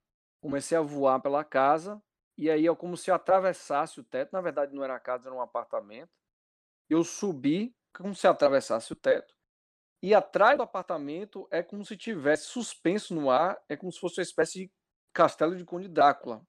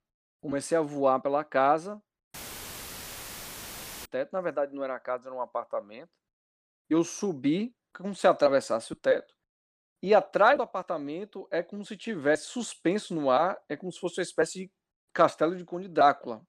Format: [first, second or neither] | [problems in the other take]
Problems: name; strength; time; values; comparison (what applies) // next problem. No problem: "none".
first | audio cutting out; filled with static; at 2.5 s for 1.5 s